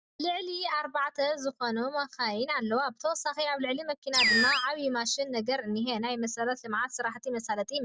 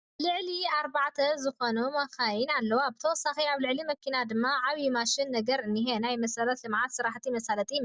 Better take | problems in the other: second | background sound (Animal); 2 dB above the speech

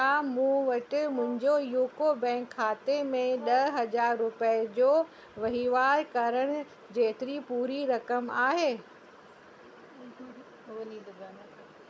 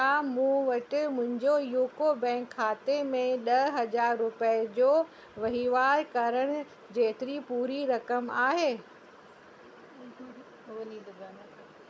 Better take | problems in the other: second | background sound (Brass instrument); 16 dB below the speech

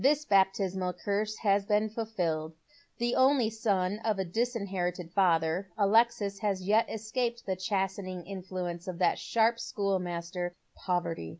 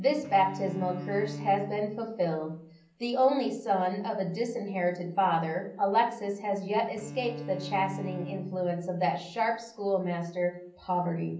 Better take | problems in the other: first | background sound (Bowed string instrument); 13 dB below the speech // room echo; dies away in 0.6 s

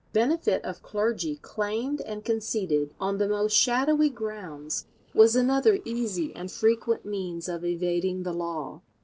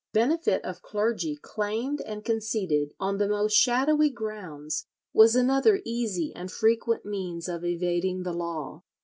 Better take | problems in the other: second | noise reduction (neural separator model SepFormer DNS4)

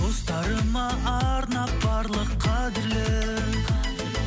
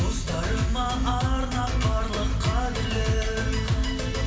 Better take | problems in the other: first | room echo; dies away in 2.4 s

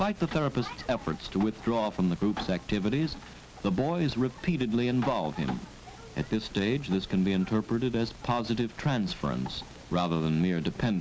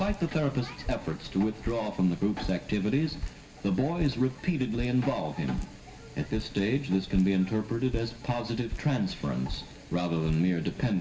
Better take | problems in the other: first | background sound (Drip); 12 dB below the speech // room echo; dies away in 0.6 s

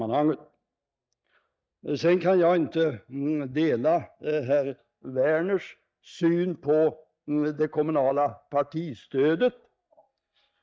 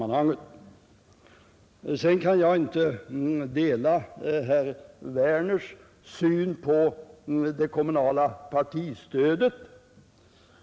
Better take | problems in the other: second | noise reduction (neural mask model DeepFilterNet 3)

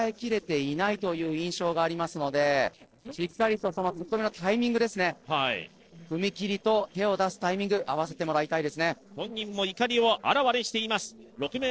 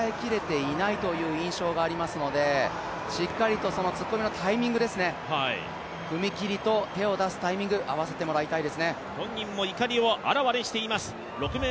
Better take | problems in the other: second | noise reduction (neural separator model SepFormer DNS4)

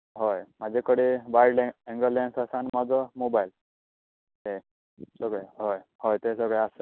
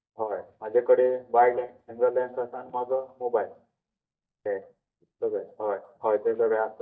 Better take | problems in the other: first | noise reduction (neural mask model DeepFilterNet 3)

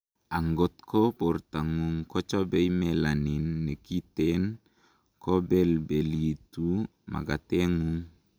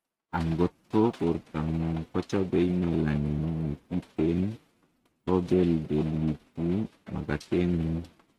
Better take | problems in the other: first | noise reduction (neural mask model RNNoise)

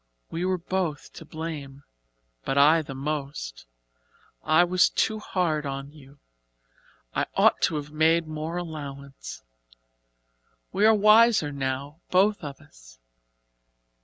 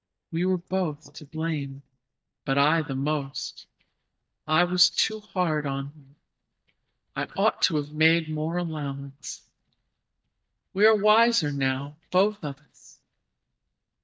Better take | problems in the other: first | noise reduction (neural mask model DeepFilterNet 3)

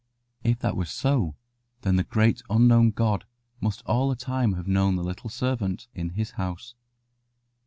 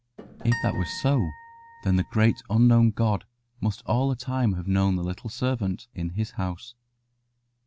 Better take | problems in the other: first | background sound (Tap + Harp); 15 dB below the speech

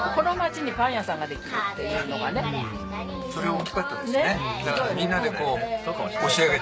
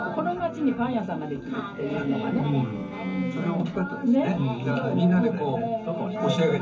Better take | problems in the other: first | background sound (Bowed string instrument); 20 dB below the speech // room echo; dies away in 0.3 s

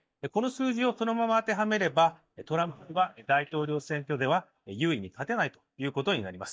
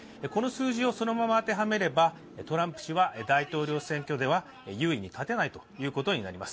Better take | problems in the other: second | noise reduction (neural mask model DeepFilterNet 3)

